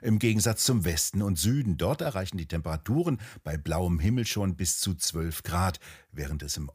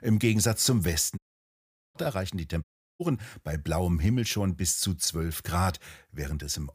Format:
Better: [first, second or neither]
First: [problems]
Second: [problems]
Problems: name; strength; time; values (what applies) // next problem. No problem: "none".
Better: first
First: none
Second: audio cutting out; at 1 s for 1 s and at 2.5 s